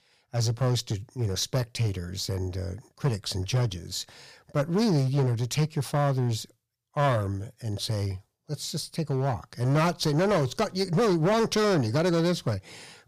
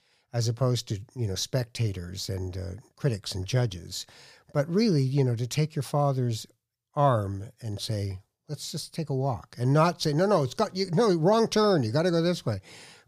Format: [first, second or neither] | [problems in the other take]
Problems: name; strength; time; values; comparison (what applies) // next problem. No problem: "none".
second | distortion; slight; 10% of the sound clipped